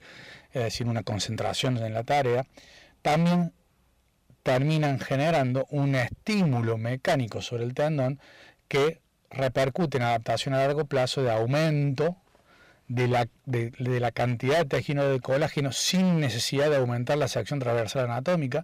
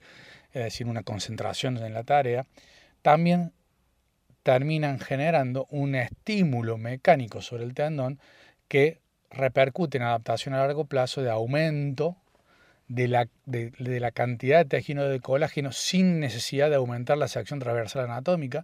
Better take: second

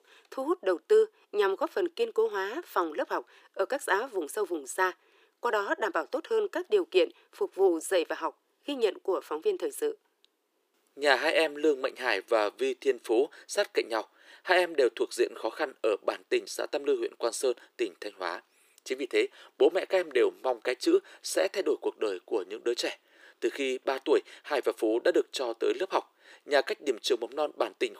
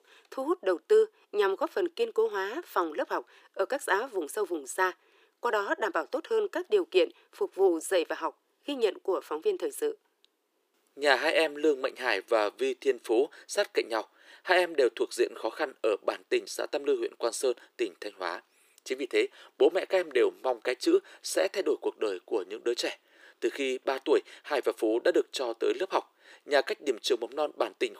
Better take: neither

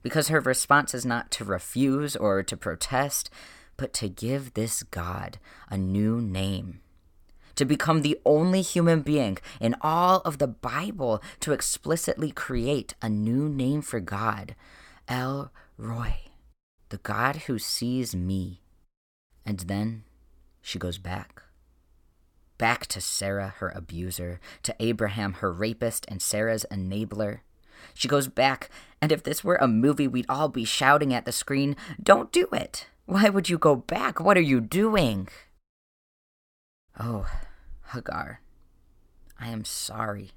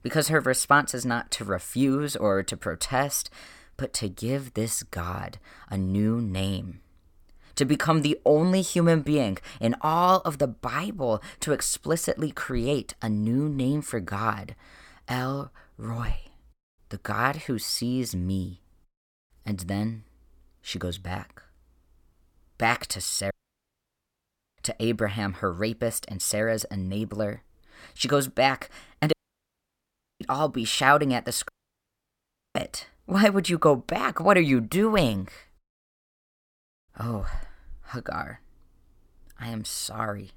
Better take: first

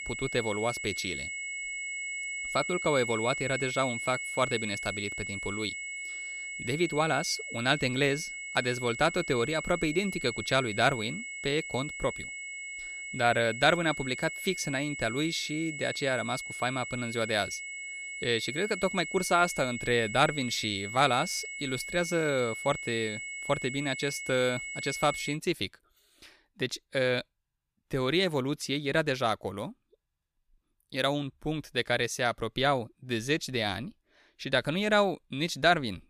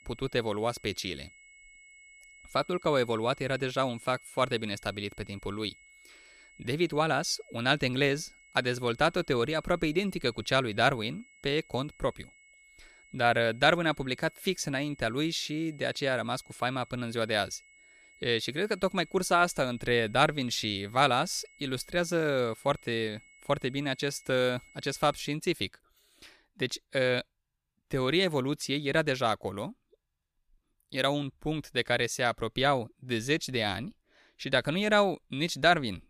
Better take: second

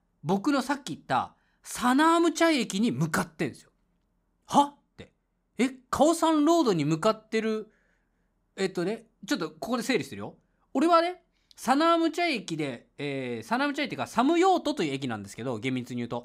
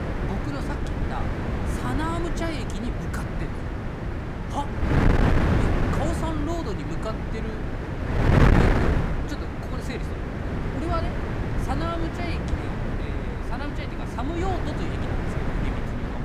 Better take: first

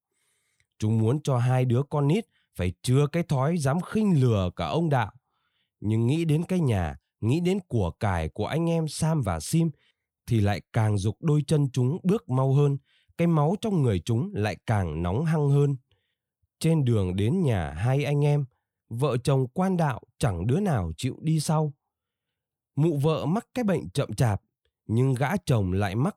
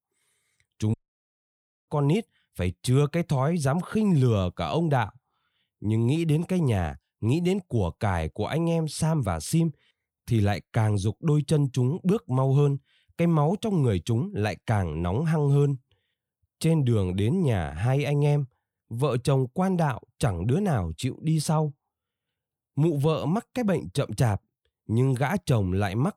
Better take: first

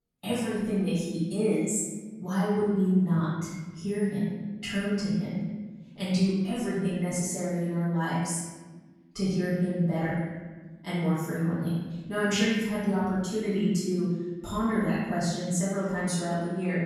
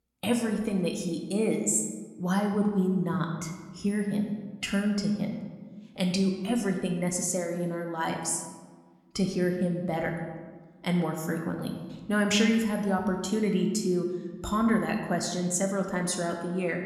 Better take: second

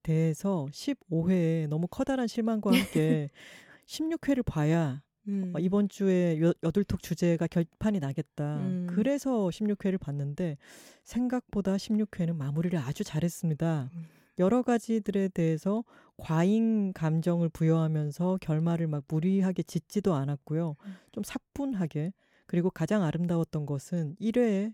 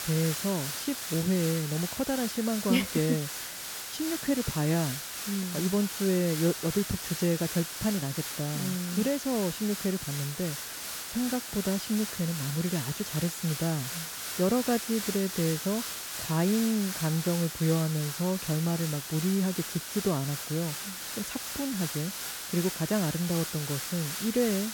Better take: first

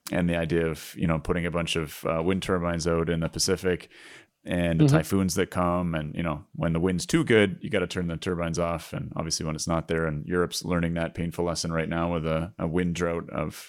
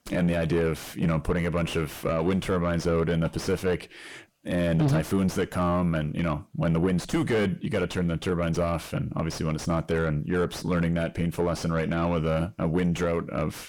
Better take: first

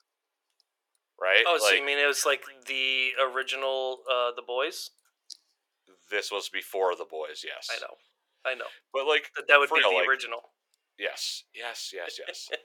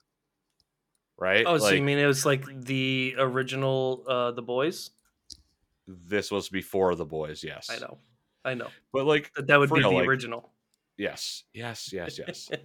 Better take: second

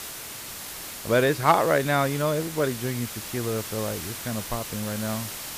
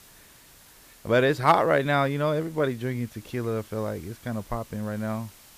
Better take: second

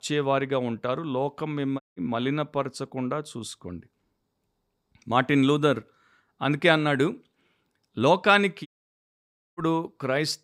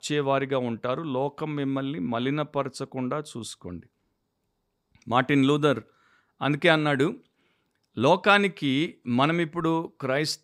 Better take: second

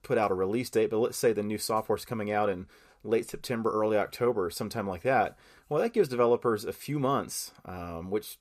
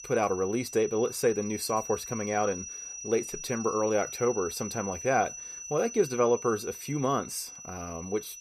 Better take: first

